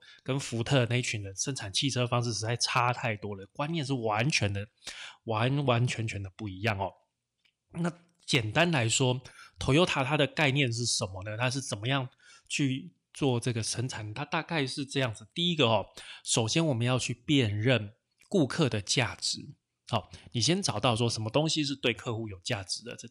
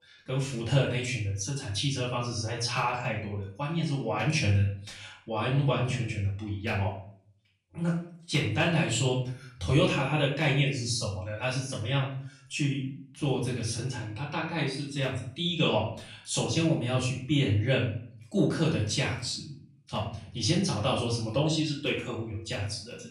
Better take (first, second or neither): first